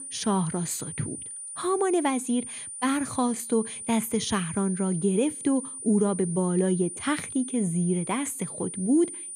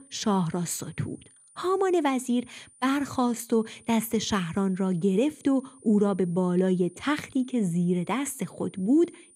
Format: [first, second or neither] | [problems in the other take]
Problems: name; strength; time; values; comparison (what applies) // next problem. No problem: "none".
second | high-pitched whine; loud; throughout; 9.5 kHz, 8 dB below the speech; faint in the second